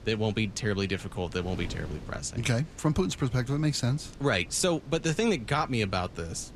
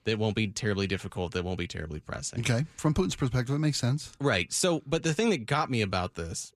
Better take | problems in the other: second | wind noise on the microphone; occasional gusts; 20 dB below the speech

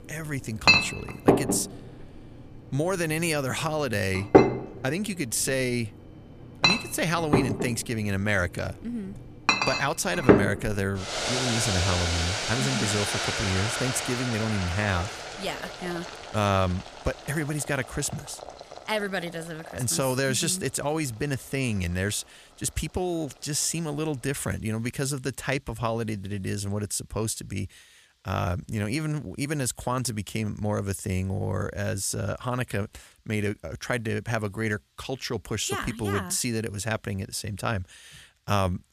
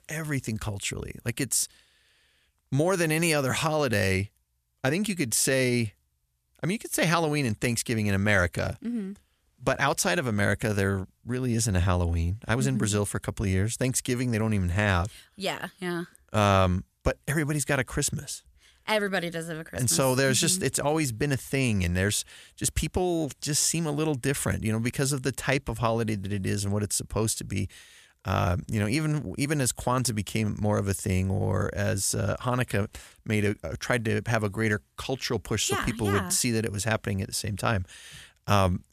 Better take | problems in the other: second | household noises; very loud; throughout; 3 dB above the speech

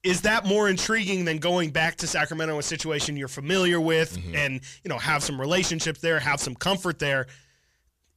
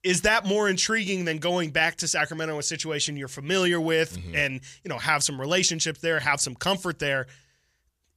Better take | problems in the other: second | distortion; slight; 10 dB below the speech

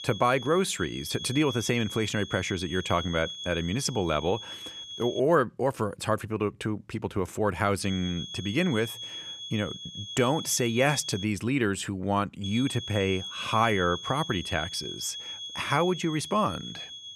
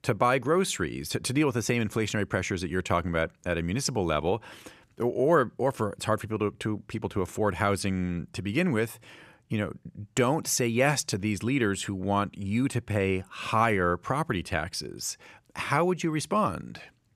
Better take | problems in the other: second | high-pitched whine; loud; until 5 s, from 8 to 11 s and from 12 s on; 3.5 kHz, 9 dB below the speech

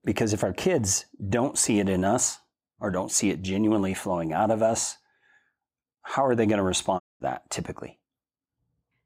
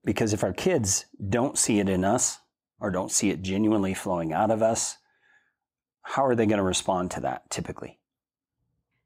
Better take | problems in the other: second | audio cutting out; at 7 s

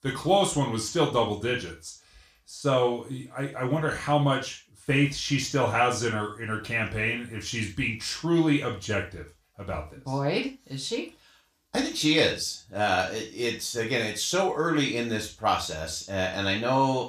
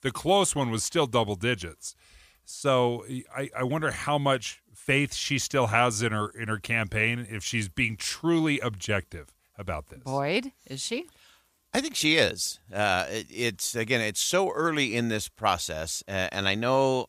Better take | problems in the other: second | room echo; slight; dies away in 0.3 s // off-mic speech; far

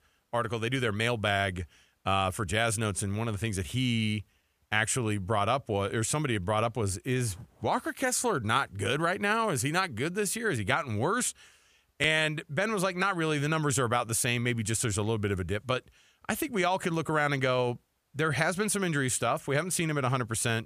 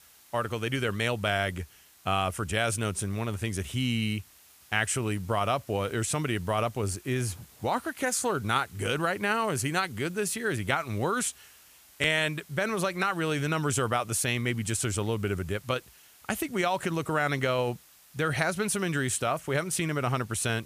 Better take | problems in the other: first | hiss; faint; throughout; 25 dB below the speech

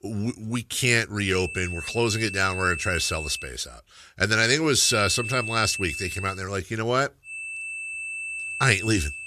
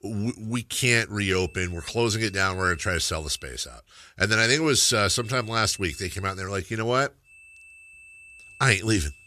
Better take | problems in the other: second | high-pitched whine; loud; from 1 to 3.5 s, from 5 to 6.5 s and from 7.5 s on; 2.5 kHz, 8 dB below the speech; faint in the second

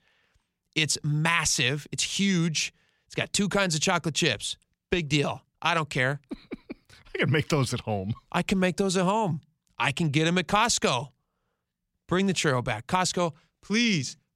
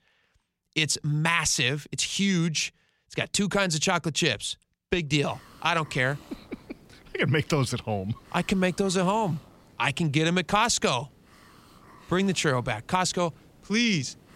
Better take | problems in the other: first | hiss; faint; from 5 s on; 25 dB below the speech

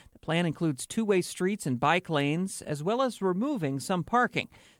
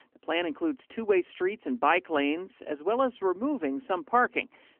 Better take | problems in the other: first | phone-call audio; nothing above 3 kHz

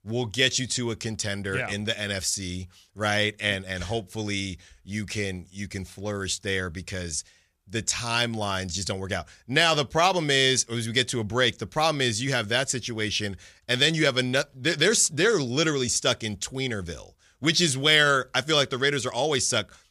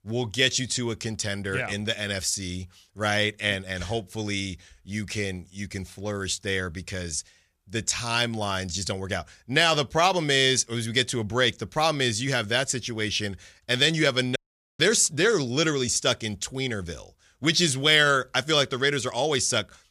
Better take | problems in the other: first | audio cutting out; at 14 s

